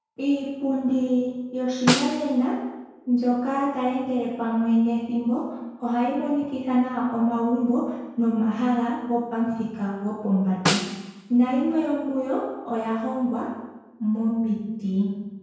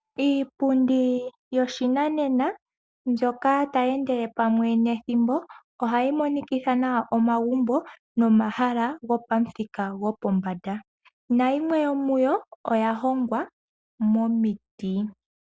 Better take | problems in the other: second | background sound (Snare drum); 5 dB below the speech // room echo; dies away in 1 s

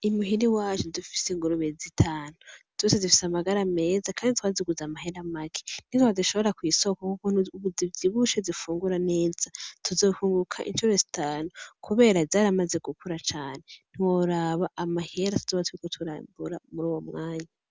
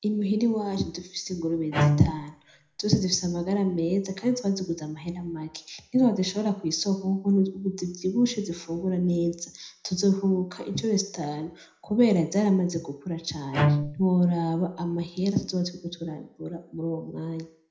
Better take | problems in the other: first | background sound (Bowed string instrument); 1 dB below the speech // room echo; dies away in 0.5 s

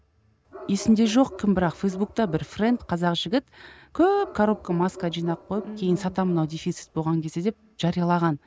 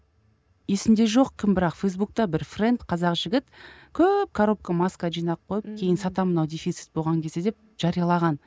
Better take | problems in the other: second | background sound (Bark); 19 dB below the speech

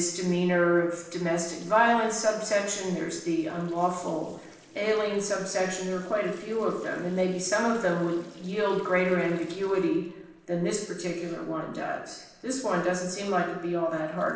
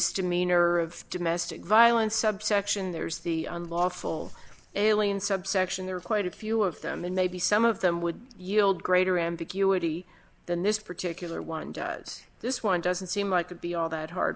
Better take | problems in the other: second | noise reduction (neural separator model SepFormer DNS4)

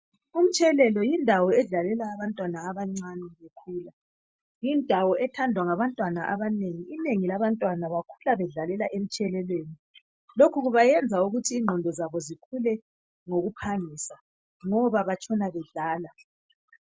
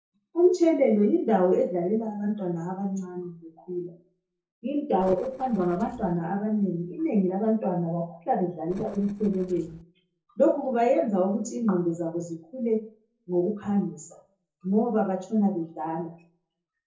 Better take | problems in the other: first | noise reduction (neural separator model SepFormer DNS4)

